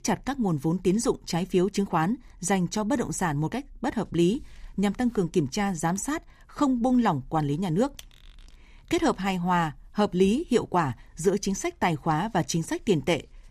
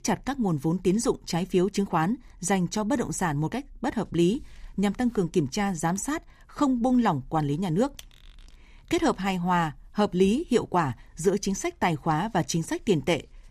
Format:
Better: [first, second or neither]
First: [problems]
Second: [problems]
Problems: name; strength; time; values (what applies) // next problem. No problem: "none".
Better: neither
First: none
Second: none